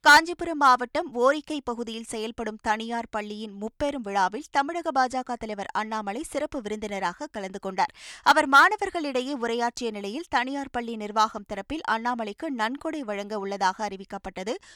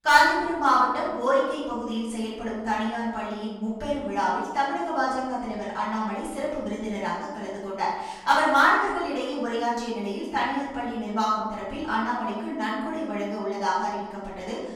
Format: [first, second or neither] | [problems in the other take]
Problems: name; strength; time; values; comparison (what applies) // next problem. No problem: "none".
first | off-mic speech; far // room echo; noticeable; dies away in 1 s